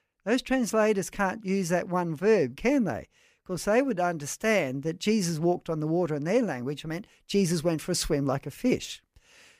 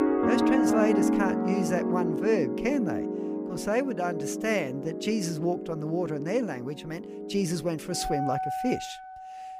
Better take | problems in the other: first | background music; very loud; throughout; as loud as the speech

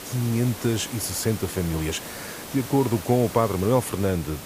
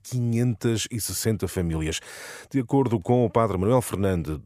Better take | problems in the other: second | hiss; noticeable; throughout; 10 dB below the speech

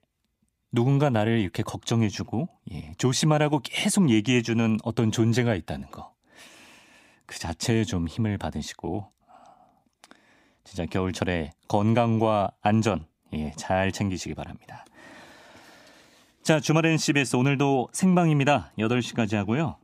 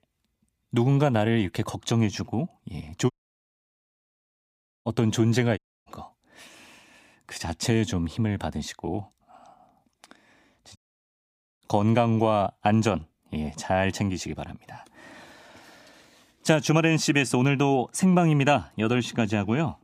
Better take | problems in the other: first | audio cutting out; at 3 s for 1.5 s, at 5.5 s and at 11 s for 1 s

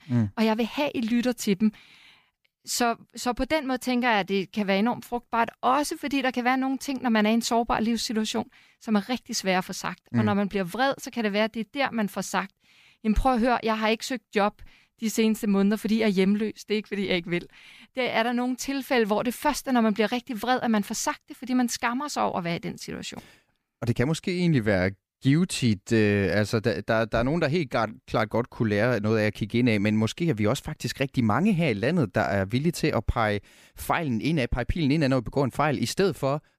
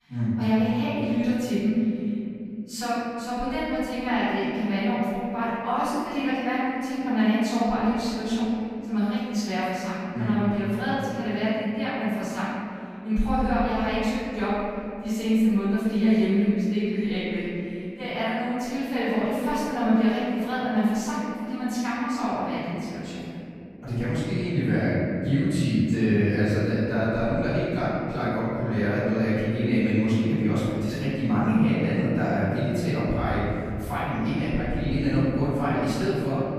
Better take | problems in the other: first | off-mic speech; far // room echo; strong; dies away in 3 s

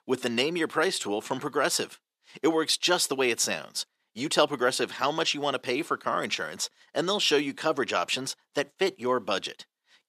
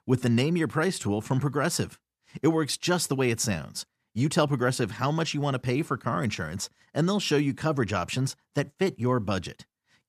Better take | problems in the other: second | thin; somewhat; fading below 450 Hz

